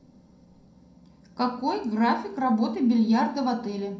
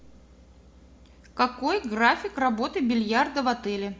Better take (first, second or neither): second